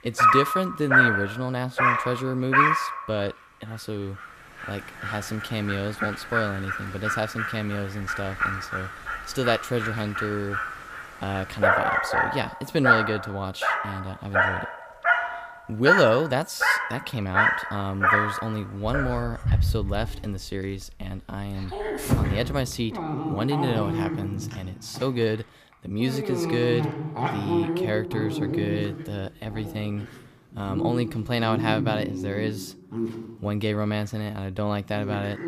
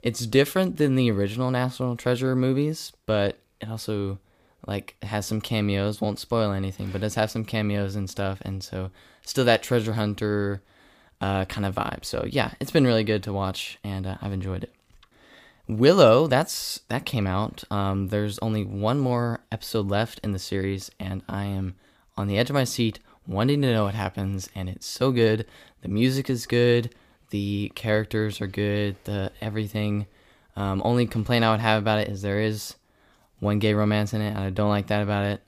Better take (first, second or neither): second